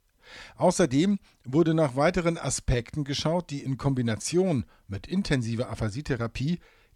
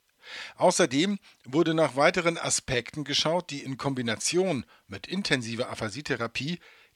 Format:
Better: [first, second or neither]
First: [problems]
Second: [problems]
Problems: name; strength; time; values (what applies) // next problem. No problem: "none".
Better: first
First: none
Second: thin; very slightly; fading below 400 Hz